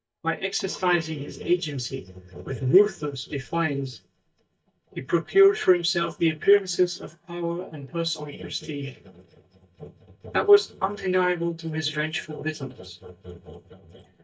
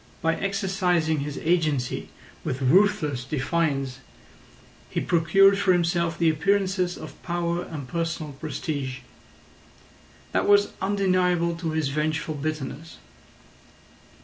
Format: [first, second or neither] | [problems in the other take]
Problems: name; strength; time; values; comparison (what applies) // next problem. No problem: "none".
second | noise reduction (neural mask model DeepFilterNet 3)